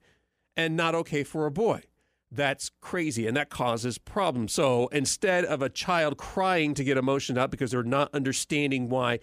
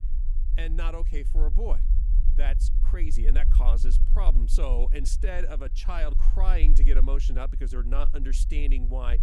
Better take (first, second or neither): first